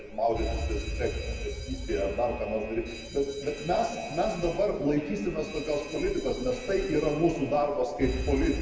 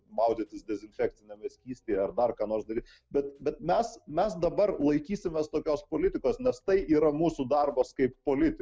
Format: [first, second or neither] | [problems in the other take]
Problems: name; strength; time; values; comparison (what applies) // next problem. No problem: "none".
second | background sound (Alarm); 8 dB below the speech // room echo; dies away in 1.2 s